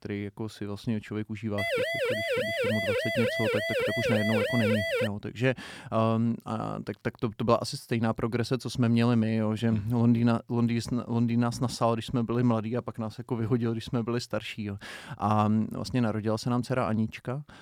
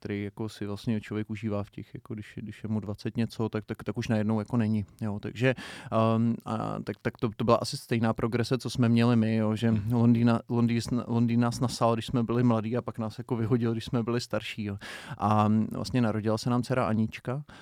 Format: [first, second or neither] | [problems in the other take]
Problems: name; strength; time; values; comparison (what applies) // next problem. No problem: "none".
second | siren; loud; from 1.5 to 5 s; peak 1 dB above the speech